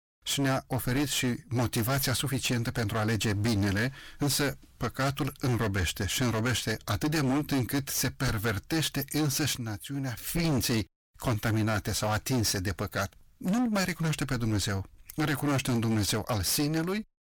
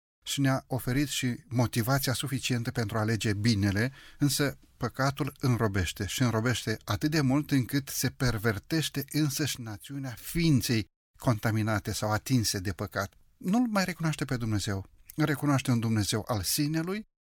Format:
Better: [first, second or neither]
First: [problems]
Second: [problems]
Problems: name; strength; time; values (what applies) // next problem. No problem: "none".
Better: second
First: distortion; heavy; 22% of the sound clipped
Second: none